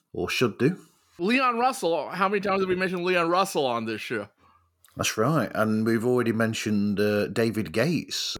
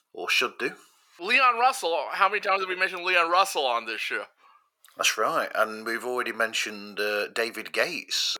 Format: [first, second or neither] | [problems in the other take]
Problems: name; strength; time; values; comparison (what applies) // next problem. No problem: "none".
first | thin; very; fading below 700 Hz